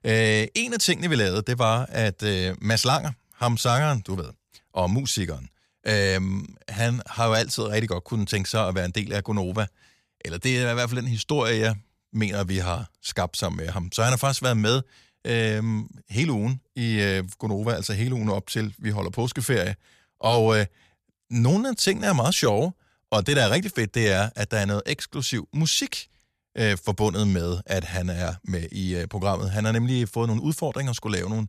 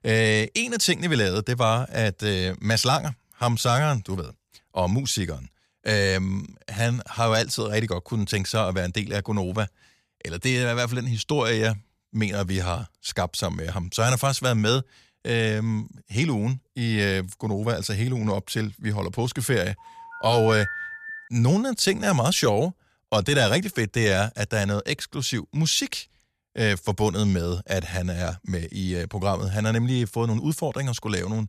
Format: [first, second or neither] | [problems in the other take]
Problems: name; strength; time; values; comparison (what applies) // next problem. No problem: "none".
first | phone ringing; noticeable; from 20 to 21 s; peak 6 dB below the speech